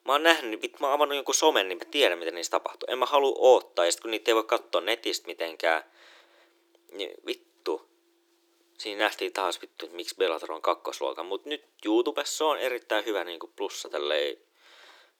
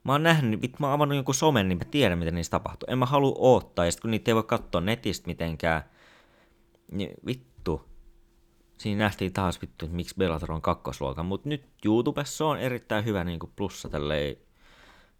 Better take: second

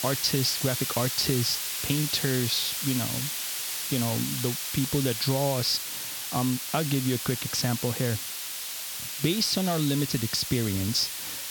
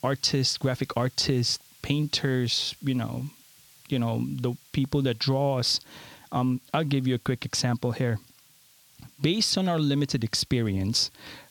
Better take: second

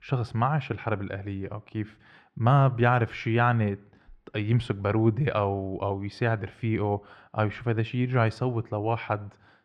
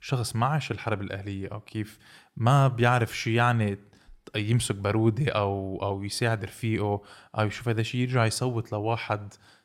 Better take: second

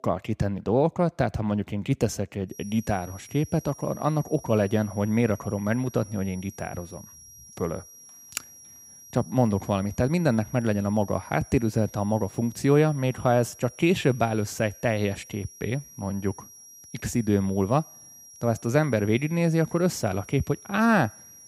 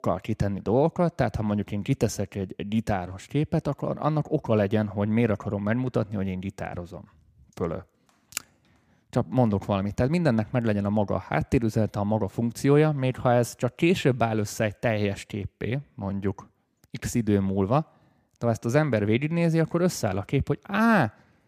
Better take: second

